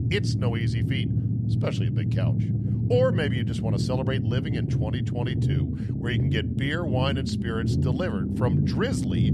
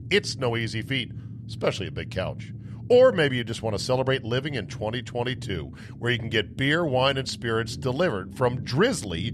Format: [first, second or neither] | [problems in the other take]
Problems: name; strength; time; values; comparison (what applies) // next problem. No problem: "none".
second | low rumble; loud; throughout; 4 dB below the speech; faint in the second